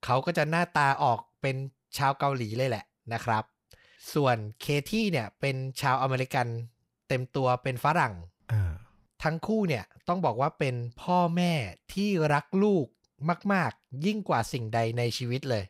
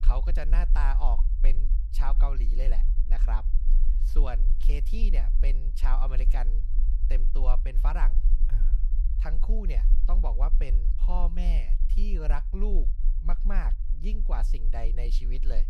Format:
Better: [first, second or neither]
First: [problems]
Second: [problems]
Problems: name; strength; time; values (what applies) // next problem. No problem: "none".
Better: first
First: none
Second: low rumble; noticeable; throughout; 15 dB below the speech